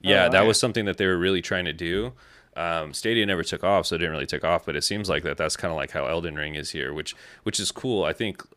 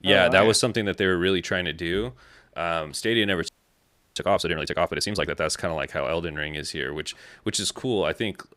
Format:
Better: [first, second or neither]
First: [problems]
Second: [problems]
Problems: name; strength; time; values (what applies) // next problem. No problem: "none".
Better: first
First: none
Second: audio freezing; at 3.5 s for 0.5 s